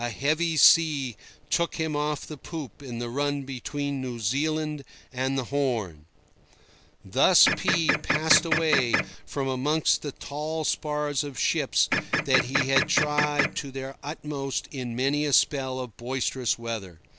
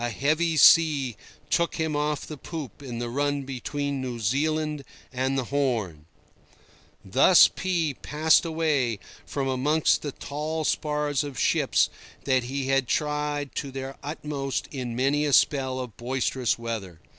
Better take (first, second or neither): second